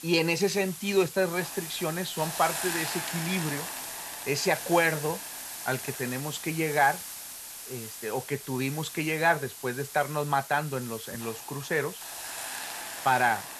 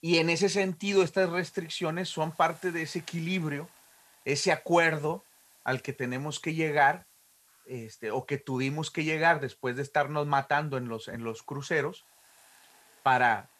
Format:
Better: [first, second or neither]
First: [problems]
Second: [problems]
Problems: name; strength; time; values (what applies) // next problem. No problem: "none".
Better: second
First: hiss; loud; throughout; 8 dB below the speech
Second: hiss; faint; throughout; 30 dB below the speech